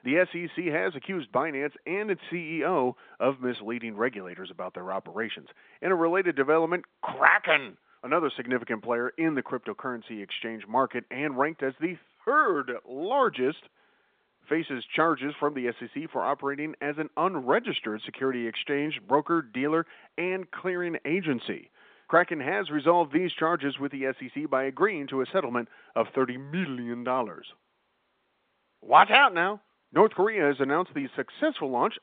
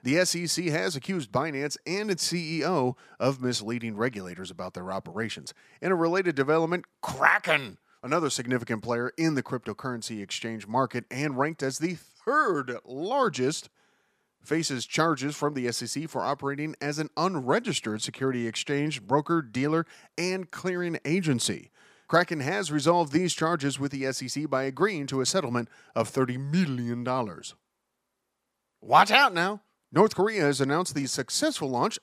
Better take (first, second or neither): second